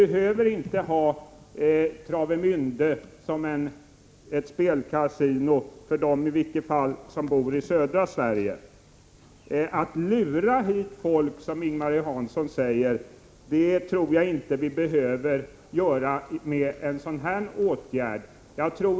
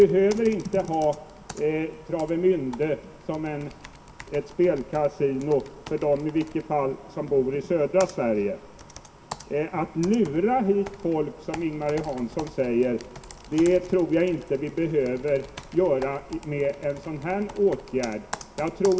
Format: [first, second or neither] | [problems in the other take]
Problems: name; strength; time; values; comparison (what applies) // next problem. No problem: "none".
first | background sound (Computer keyboard); 19 dB below the speech // room echo; dies away in 2.3 s